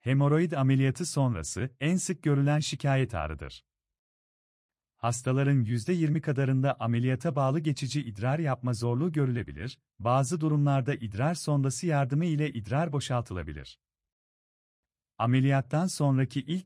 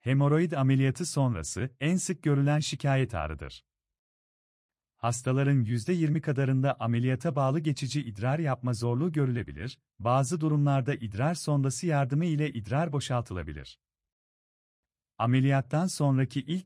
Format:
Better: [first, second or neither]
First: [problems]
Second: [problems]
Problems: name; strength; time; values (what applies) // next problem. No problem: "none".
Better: neither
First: none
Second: none